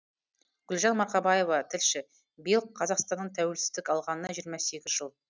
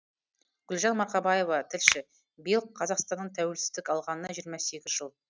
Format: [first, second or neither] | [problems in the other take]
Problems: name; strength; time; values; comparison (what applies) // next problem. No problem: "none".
first | noise reduction (neural mask model RNNoise)